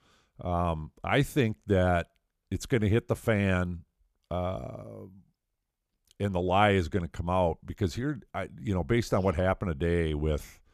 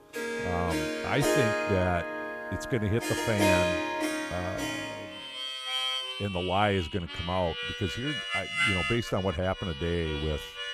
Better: first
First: none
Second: background music; very loud; throughout; as loud as the speech

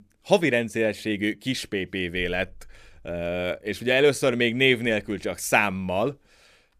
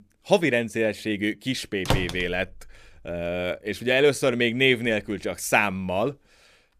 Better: first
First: none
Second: door banging; noticeable; at 2 s; peak 3 dB below the speech

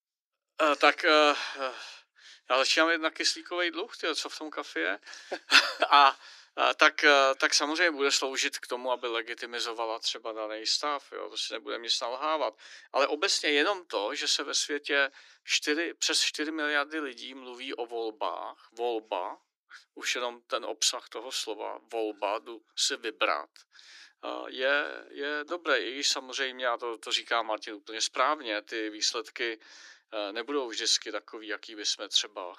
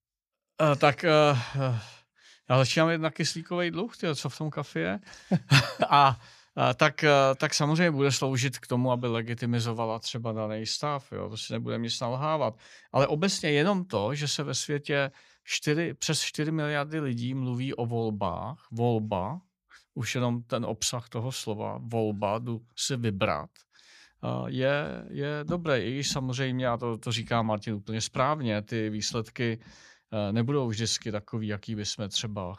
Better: second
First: thin; very; fading below 300 Hz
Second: none

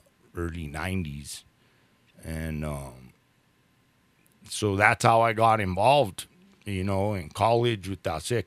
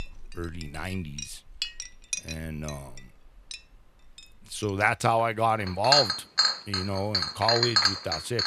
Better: first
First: none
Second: household noises; very loud; throughout; 3 dB above the speech

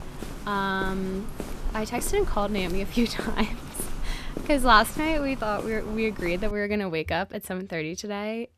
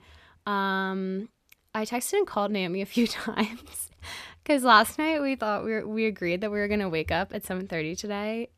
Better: second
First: footsteps; noticeable; until 6.5 s; peak 8 dB below the speech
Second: none

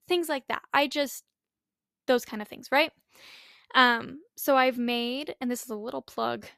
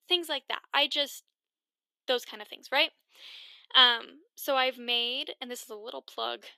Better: first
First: none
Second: thin; somewhat; fading below 300 Hz

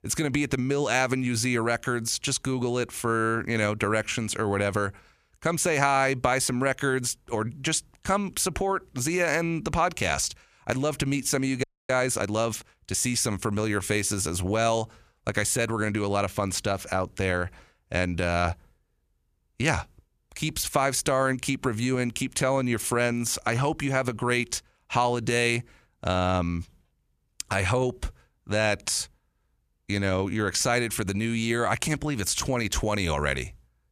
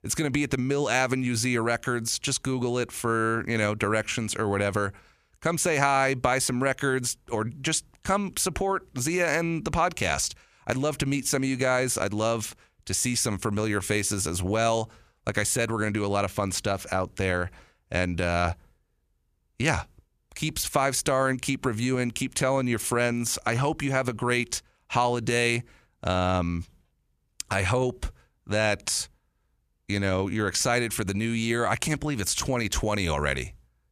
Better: second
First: audio freezing; at 12 s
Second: none

